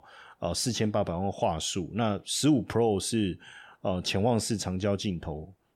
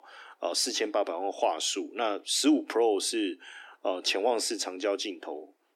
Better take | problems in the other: first | thin; somewhat; fading below 300 Hz

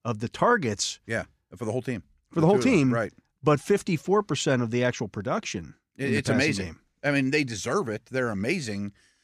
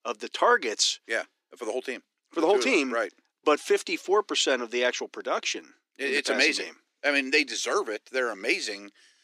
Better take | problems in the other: first | thin; somewhat; fading below 300 Hz

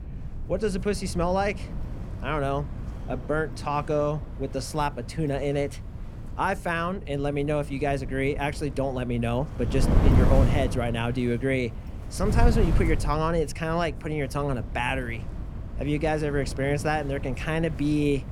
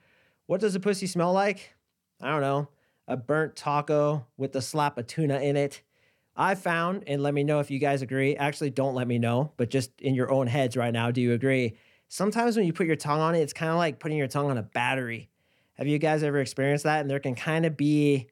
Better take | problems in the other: second | wind noise on the microphone; occasional gusts; 10 dB below the speech

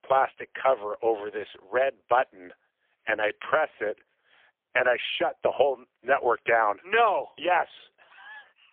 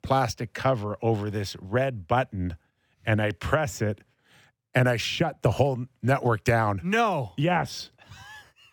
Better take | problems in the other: second | phone-call audio; poor line; nothing above 3.5 kHz

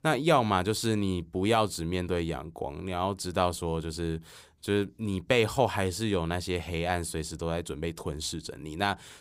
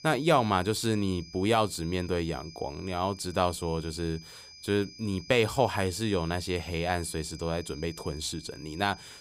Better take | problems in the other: first | high-pitched whine; noticeable; throughout; 5 kHz, 15 dB below the speech

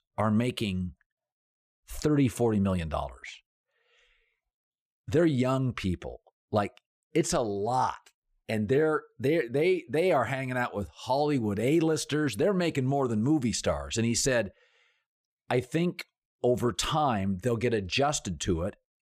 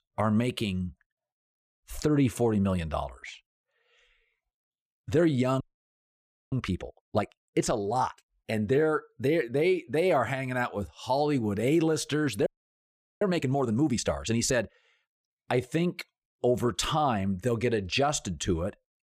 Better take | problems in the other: first | audio freezing; at 5.5 s for 1 s and at 12 s for 1 s

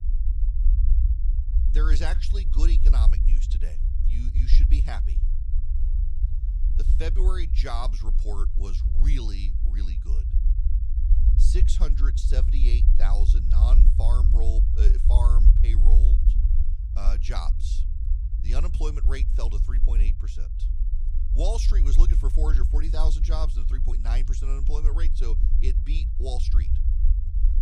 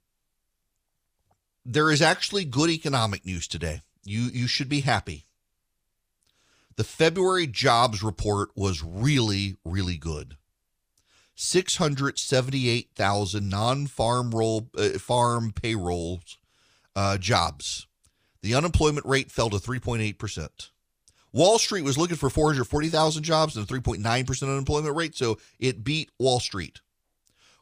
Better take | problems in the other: second | low rumble; loud; throughout; 7 dB below the speech

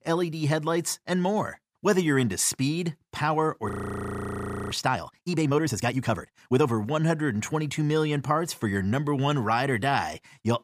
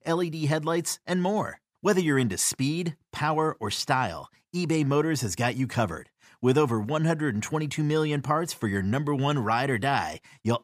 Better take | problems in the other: second | audio freezing; at 3.5 s for 1 s

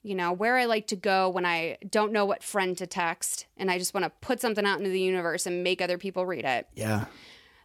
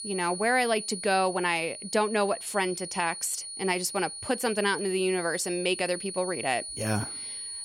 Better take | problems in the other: first | high-pitched whine; loud; throughout; 9.5 kHz, 8 dB below the speech

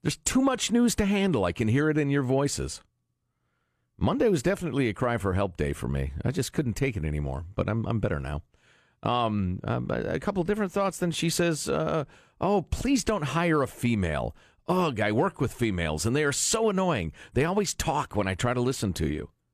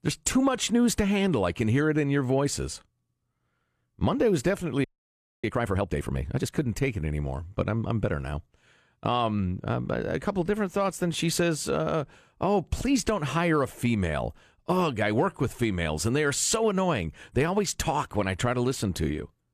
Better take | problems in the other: first | audio freezing; at 5 s for 0.5 s

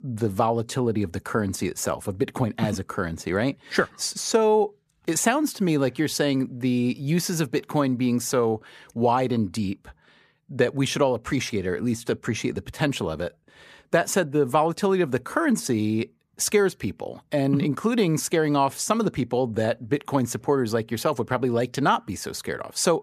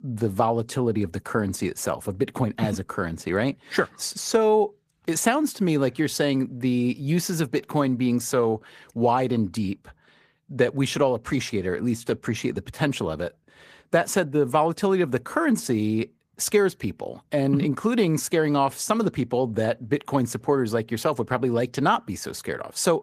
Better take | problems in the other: first | garbled, watery; slightly; nothing above 14.5 kHz

